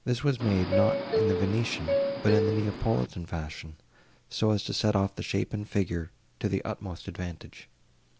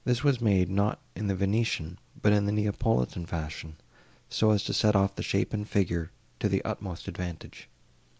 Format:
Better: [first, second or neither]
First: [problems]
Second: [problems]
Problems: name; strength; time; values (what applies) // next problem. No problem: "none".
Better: second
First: background sound (Subway, metro, underground); 1 dB above the speech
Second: none